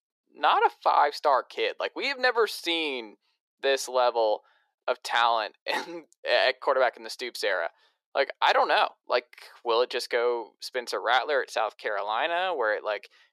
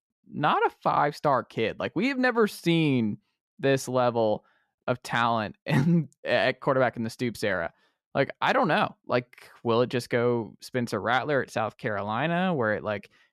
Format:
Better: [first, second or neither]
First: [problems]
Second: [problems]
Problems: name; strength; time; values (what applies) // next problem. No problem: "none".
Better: second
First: thin; very; fading below 400 Hz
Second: none